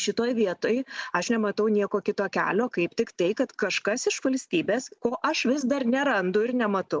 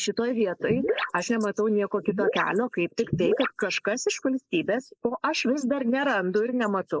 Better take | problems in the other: first | noise reduction (neural mask model Resemble Enhance denoiser)

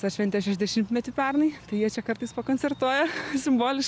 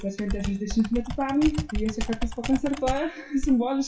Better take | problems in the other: first | noise reduction (classical method WPE with log-MMSE)

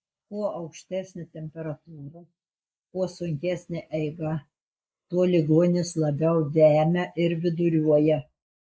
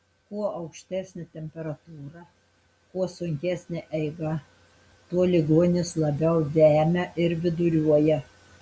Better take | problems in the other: second | noise reduction (neural mask model Resemble Enhance denoiser)

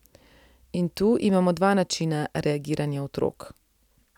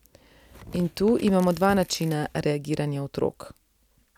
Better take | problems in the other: first | background sound (Tearing); 19 dB below the speech

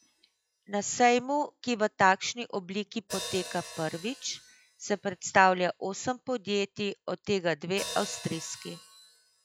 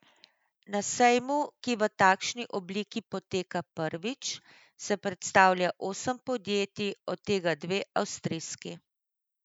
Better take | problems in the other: second | noise reduction (classical method log-MMSE)

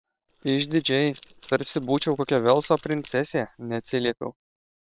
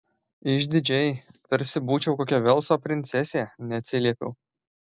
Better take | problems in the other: second | noise reduction (neural separator model SepFormer WHAM!)

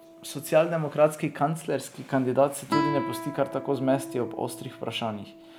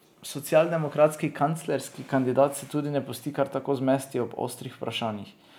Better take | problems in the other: second | background sound (Guitar); 9 dB below the speech

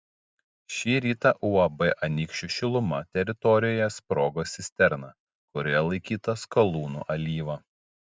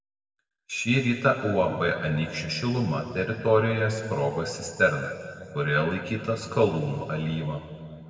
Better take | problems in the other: first | room echo; dies away in 2.1 s

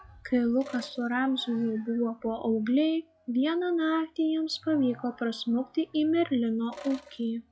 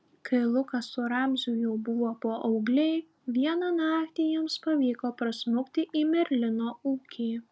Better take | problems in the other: second | noise reduction (classical method log-MMSE)

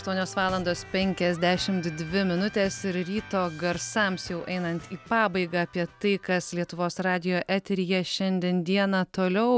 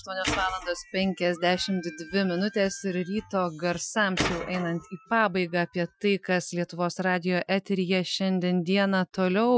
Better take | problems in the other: first | noise reduction (classical method Wiener filter)

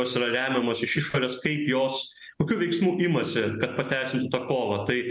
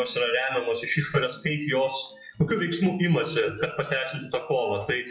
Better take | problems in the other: first | noise reduction (classical method WPE with log-MMSE)

